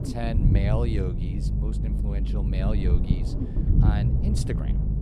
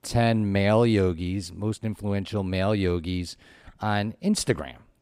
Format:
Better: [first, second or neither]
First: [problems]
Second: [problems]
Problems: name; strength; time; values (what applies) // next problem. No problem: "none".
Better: second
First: low rumble; loud; throughout; 1 dB below the speech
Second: none